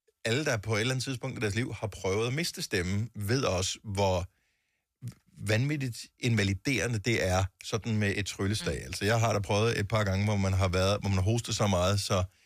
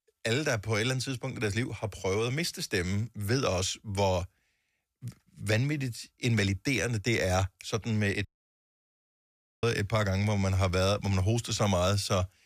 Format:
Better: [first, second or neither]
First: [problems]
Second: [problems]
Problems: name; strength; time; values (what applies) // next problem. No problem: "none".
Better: first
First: none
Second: audio cutting out; at 8.5 s for 1.5 s